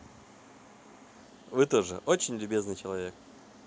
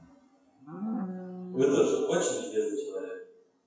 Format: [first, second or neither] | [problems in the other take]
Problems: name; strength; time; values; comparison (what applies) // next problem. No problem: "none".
first | noise reduction (classical method WPE with log-MMSE)